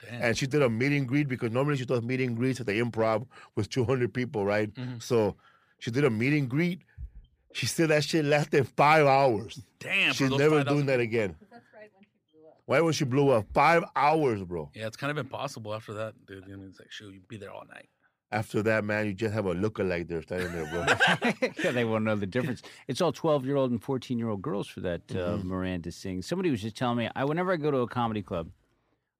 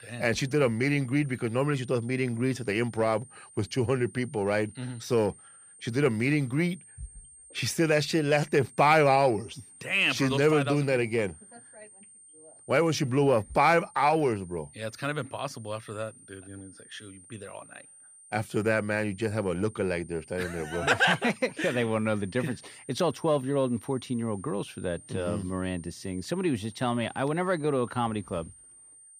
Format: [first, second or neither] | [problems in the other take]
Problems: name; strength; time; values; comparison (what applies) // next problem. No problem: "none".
first | high-pitched whine; faint; throughout; 9 kHz, 20 dB below the speech